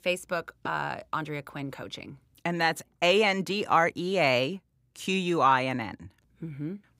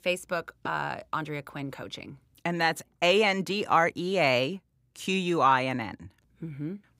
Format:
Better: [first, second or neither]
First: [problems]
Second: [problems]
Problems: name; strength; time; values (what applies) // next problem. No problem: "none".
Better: neither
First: none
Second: none